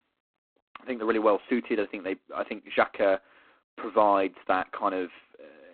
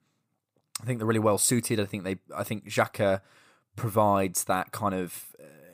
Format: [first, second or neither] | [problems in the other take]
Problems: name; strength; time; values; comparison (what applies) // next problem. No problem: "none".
second | phone-call audio; poor line; nothing above 4 kHz